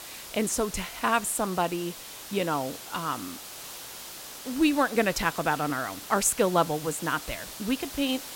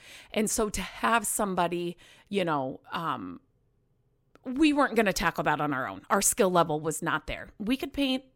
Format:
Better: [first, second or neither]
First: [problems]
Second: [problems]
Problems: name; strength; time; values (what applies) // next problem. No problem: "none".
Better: second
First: hiss; noticeable; throughout; 10 dB below the speech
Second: none